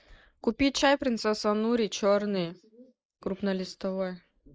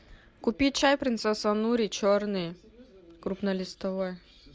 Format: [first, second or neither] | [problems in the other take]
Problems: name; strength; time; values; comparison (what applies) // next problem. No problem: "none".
second | noise reduction (neural mask model Resemble Enhance denoiser)